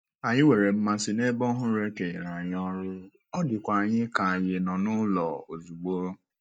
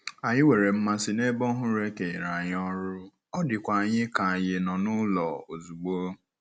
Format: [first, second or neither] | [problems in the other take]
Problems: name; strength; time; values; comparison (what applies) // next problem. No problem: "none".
second | noise reduction (neural mask model DeepFilterNet 3)